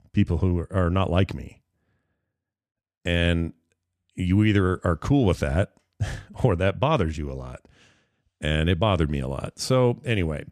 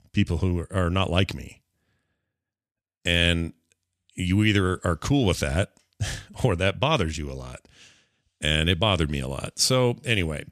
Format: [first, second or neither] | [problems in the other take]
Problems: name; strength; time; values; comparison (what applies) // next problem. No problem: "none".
second | muffled; slightly; fading above 2 kHz